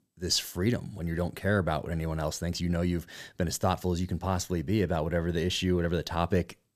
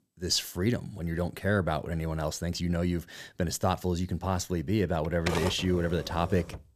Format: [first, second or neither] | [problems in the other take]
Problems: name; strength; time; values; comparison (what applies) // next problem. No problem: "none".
first | keyboard typing; noticeable; from 5 s on; peak 2 dB below the speech